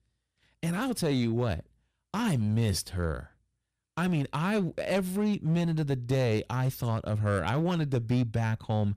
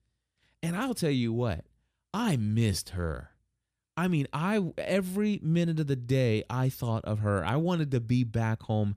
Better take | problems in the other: second | distortion; slight; 8% of the sound clipped

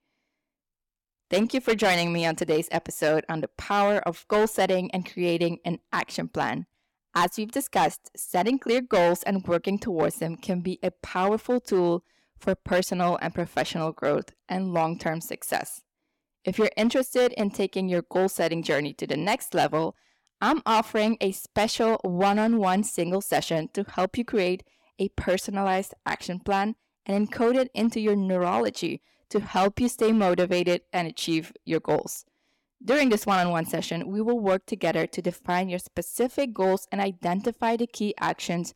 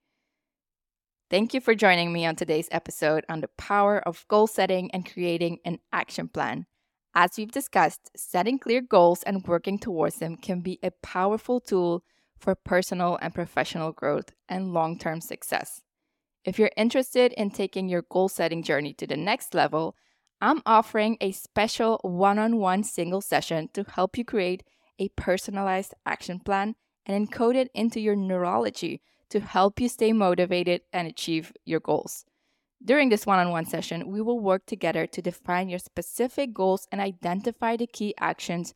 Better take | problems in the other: second | distortion; slight; 5% of the sound clipped

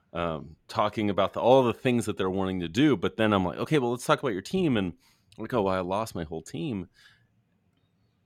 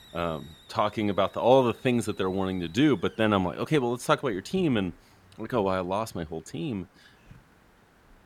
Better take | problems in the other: first | hiss; faint; throughout; 30 dB below the speech

